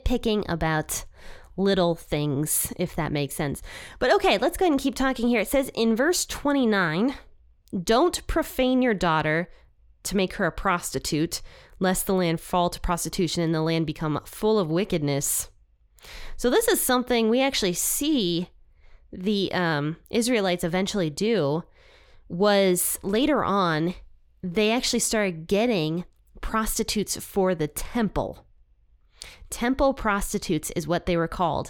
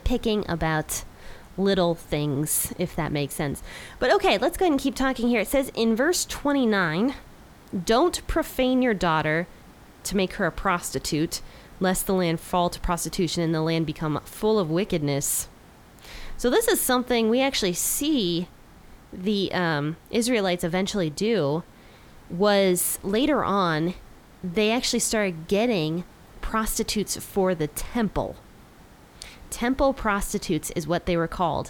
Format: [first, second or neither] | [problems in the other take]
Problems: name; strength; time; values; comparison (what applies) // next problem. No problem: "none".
first | hiss; faint; throughout; 25 dB below the speech